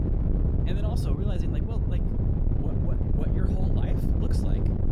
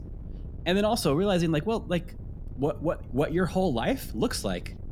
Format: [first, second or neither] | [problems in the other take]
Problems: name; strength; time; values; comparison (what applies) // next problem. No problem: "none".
second | wind noise on the microphone; heavy; 5 dB above the speech; occasional gusts in the second